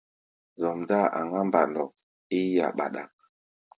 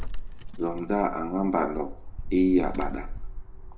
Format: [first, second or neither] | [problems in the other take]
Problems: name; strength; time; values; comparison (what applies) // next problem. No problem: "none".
first | background sound (Tearing / Wood); 5 dB below the speech // room echo; dies away in 0.4 s